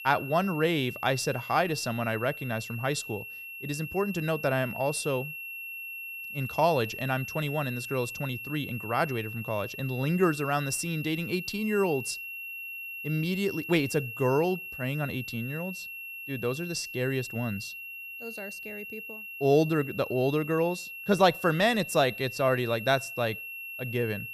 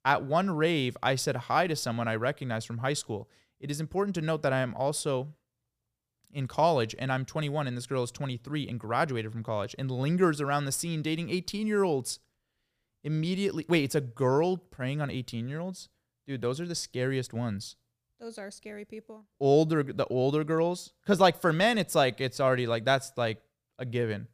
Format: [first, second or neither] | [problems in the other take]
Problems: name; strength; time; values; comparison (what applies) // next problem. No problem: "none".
second | high-pitched whine; loud; throughout; 2.5 kHz, 9 dB below the speech